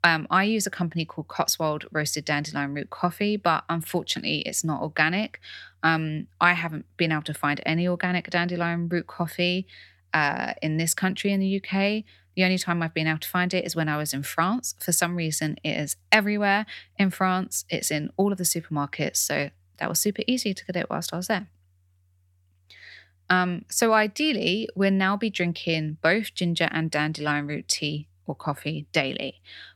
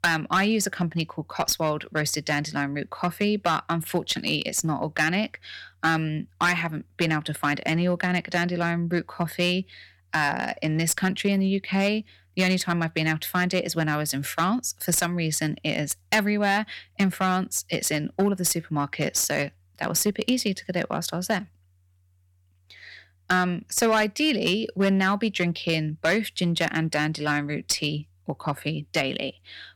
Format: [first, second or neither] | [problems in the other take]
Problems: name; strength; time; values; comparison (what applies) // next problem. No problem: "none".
first | distortion; slight; 4% of the sound clipped